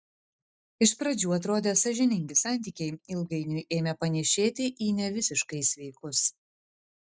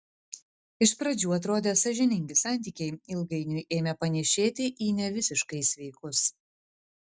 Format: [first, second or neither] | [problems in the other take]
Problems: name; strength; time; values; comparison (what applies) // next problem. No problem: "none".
second | noise reduction (neural mask model Resemble Enhance denoiser)